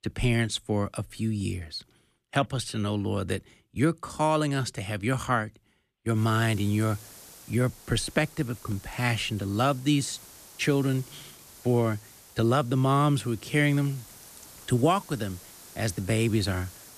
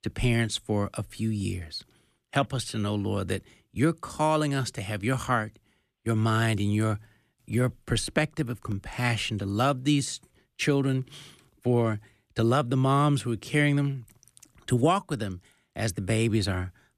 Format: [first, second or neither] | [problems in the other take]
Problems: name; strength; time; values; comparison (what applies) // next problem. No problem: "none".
second | hiss; noticeable; from 6 s on; 20 dB below the speech